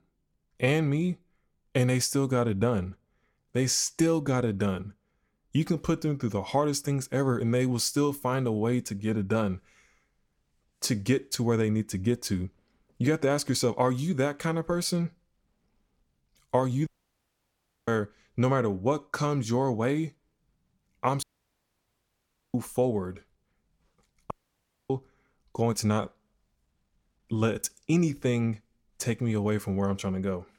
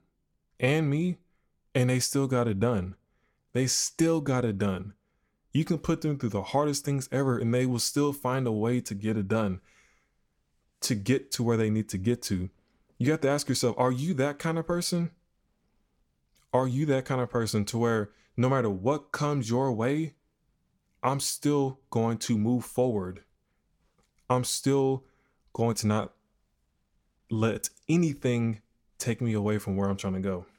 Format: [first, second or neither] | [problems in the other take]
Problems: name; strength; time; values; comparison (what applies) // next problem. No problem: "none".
second | audio cutting out; at 17 s for 1 s, at 21 s for 1.5 s and at 24 s for 0.5 s